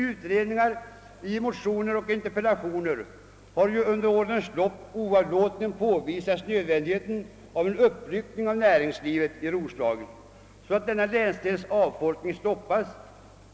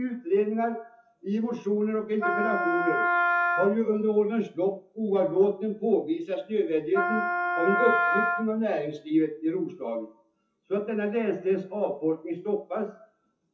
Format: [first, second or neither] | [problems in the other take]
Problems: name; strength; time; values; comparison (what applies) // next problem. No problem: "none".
first | noise reduction (classical method WPE with log-MMSE)